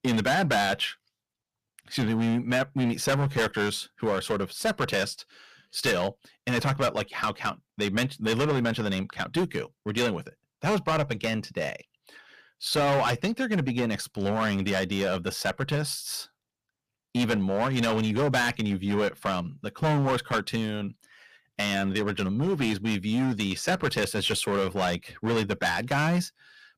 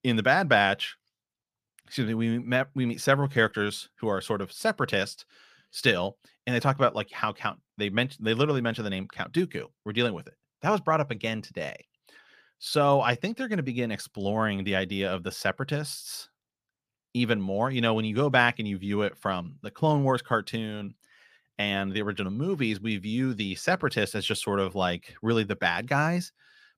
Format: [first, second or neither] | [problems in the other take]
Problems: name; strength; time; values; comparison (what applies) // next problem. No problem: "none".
second | distortion; heavy; 11% of the sound clipped